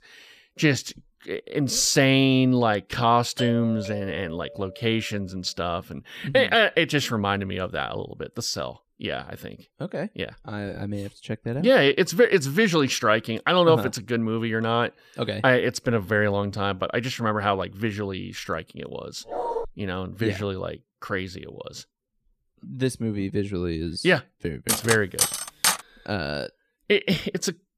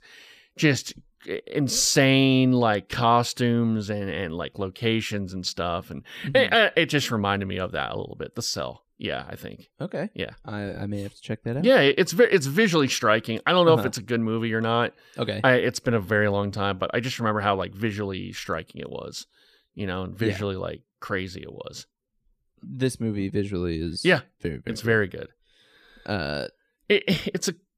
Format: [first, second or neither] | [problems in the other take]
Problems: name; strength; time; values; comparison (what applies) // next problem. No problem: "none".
second | doorbell; noticeable; from 3.5 to 5 s; peak 8 dB below the speech // dog barking; noticeable; at 19 s; peak 5 dB below the speech // clattering dishes; loud; from 25 to 26 s; peak 2 dB above the speech